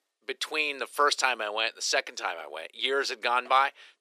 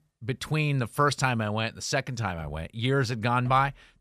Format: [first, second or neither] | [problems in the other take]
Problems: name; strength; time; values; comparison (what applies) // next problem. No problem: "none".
second | thin; very; fading below 350 Hz